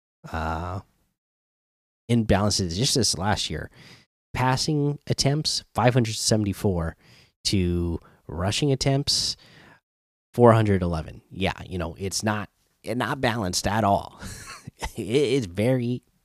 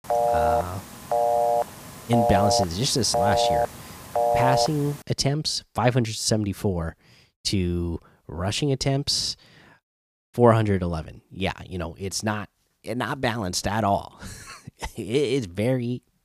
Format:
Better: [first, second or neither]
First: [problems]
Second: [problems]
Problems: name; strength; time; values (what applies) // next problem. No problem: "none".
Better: first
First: none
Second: phone ringing; loud; until 5 s; peak 4 dB above the speech